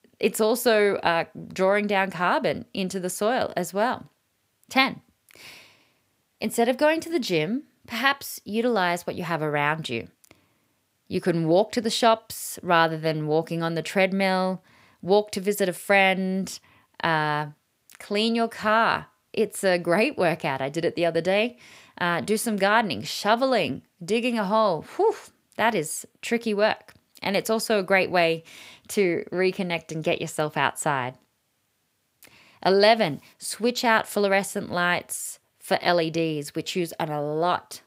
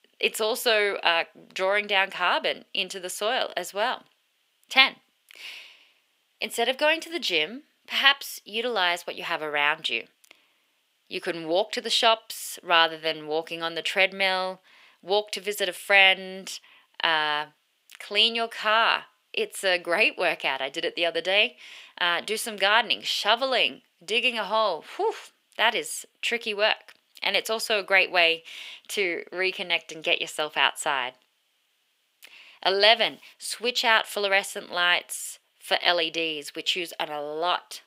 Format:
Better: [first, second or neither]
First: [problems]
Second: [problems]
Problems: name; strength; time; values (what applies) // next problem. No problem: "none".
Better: first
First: none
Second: thin; somewhat; fading below 400 Hz